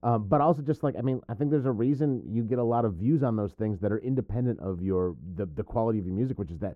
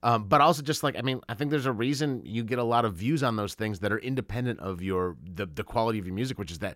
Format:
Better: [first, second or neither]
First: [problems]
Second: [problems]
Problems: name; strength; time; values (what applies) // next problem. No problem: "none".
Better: second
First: muffled; very; fading above 1.5 kHz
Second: none